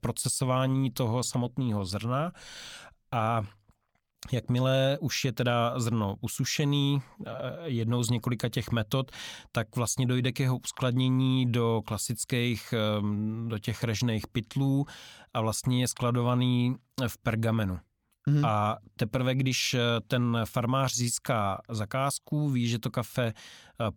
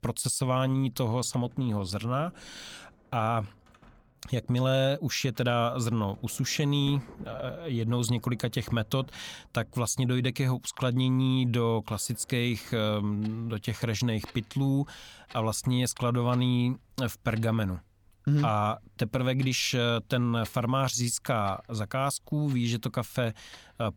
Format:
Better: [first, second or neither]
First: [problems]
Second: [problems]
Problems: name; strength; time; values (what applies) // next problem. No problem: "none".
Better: first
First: none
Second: household noises; faint; throughout; 25 dB below the speech